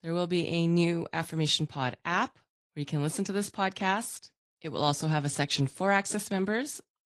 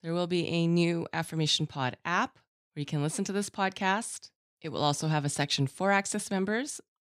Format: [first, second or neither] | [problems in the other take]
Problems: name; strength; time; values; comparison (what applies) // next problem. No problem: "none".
second | garbled, watery; slightly; nothing above 15.5 kHz